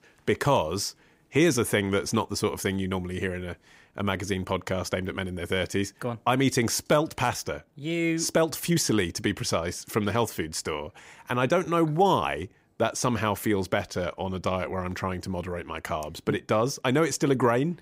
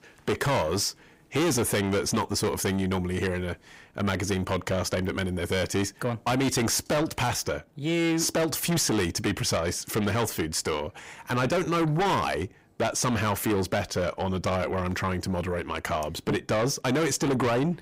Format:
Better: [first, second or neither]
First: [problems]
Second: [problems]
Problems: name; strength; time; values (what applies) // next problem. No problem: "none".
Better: first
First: none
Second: distortion; heavy; 6 dB below the speech